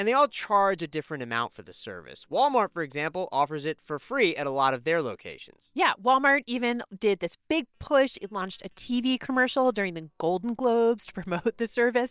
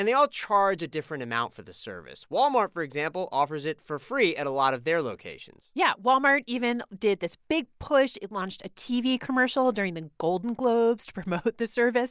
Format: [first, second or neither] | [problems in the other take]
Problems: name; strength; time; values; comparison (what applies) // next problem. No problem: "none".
second | noise reduction (neural separator model SepFormer WHAM!)